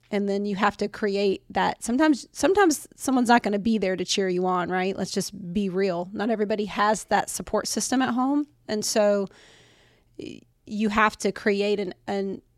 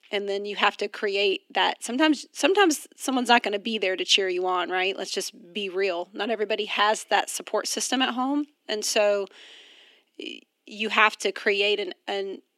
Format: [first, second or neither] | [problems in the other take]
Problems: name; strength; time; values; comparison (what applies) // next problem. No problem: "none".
first | thin; very slightly; fading below 250 Hz